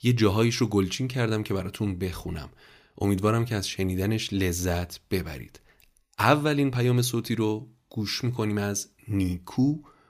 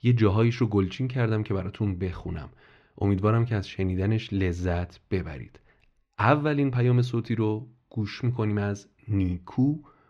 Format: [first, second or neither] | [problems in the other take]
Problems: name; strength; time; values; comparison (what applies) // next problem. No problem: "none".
first | muffled; slightly; fading above 2.5 kHz